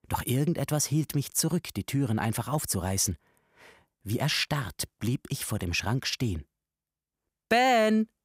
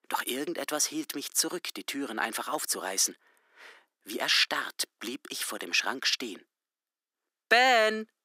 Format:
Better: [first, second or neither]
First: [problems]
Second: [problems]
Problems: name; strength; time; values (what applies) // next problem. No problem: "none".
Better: first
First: none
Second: thin; somewhat; fading below 300 Hz